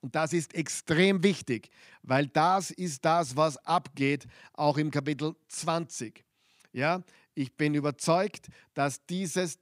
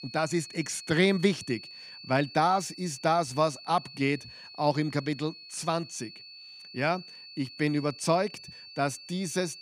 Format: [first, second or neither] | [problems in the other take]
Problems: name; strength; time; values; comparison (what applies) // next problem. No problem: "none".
first | high-pitched whine; noticeable; throughout; 4.5 kHz, 15 dB below the speech